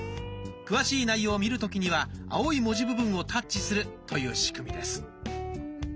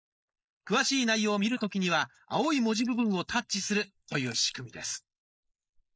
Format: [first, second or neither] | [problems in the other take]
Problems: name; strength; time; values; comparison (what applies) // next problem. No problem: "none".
first | noise reduction (neural mask model Resemble Enhance denoiser)